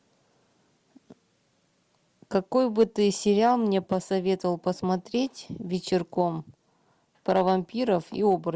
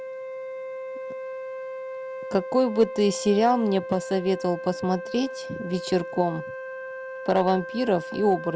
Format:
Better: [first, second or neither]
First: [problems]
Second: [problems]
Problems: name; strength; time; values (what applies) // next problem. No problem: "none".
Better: first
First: none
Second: background sound (Wind instrument, woodwind instrument); 9 dB below the speech